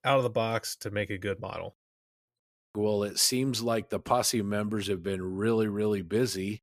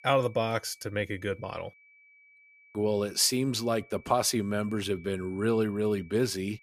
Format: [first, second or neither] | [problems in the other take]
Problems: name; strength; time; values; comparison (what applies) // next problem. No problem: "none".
first | high-pitched whine; faint; throughout; 2.5 kHz, 25 dB below the speech